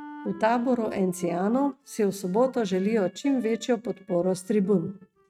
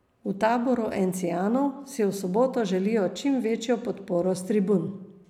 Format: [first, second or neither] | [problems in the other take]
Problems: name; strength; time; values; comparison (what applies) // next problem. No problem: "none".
second | noise reduction (neural mask model RNNoise)